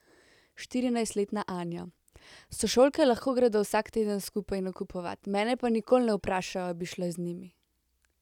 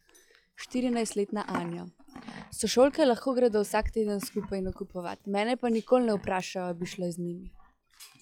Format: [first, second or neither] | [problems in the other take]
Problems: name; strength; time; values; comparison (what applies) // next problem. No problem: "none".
first | noise reduction (classical method log-MMSE)